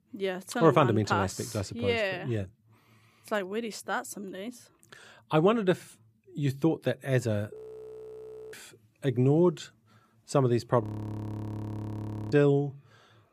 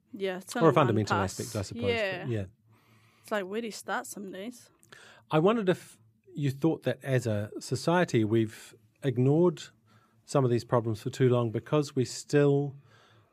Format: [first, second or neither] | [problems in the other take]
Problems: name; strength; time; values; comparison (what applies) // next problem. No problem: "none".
second | audio freezing; at 7.5 s for 1 s and at 11 s for 1.5 s